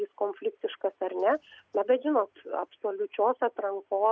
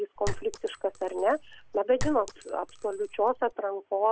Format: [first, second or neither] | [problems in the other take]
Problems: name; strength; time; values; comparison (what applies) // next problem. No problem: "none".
first | background sound (Chink, clink); 8 dB below the speech